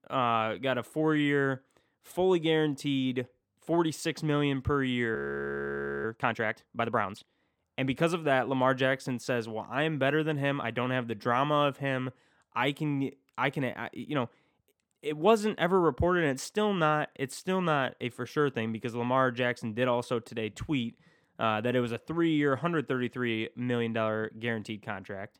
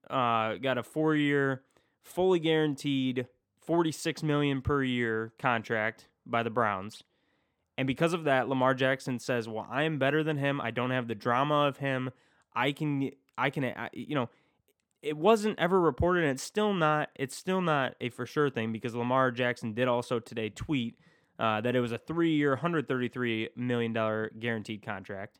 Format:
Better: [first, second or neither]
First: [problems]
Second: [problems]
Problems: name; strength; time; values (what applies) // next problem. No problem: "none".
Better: second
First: audio freezing; at 5 s for 1 s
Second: none